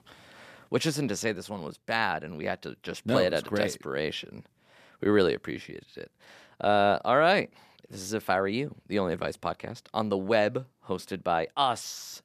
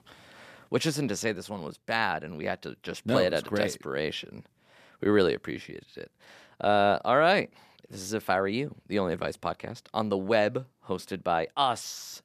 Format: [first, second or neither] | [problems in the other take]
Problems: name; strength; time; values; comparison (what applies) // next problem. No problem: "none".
neither | none